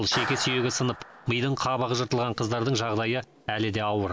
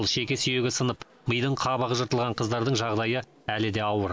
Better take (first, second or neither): second